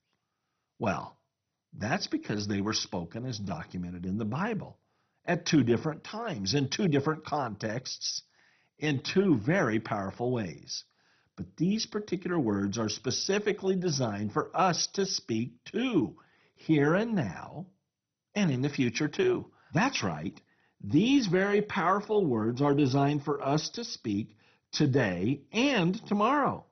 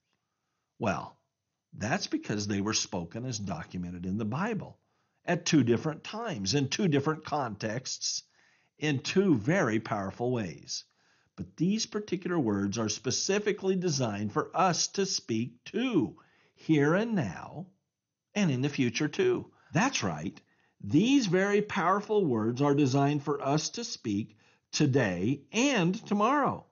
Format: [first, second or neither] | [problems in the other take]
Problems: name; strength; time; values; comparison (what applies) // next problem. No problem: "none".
second | garbled, watery; badly; nothing above 6 kHz; slightly in the second